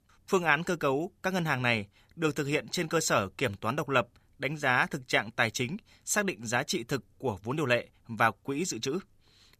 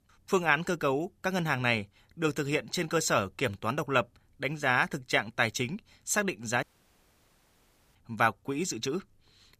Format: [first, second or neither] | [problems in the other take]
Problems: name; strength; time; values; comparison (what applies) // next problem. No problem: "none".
first | audio cutting out; at 6.5 s for 1.5 s